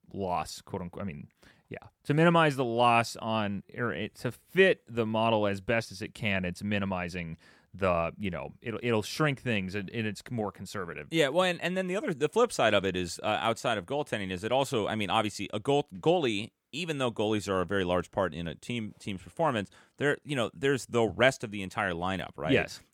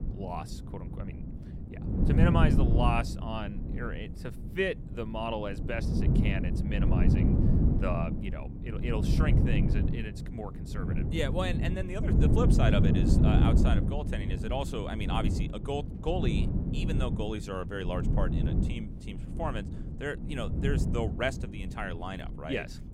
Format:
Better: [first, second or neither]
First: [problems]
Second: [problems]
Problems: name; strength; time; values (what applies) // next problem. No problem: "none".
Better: first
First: none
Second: wind noise on the microphone; heavy; 3 dB below the speech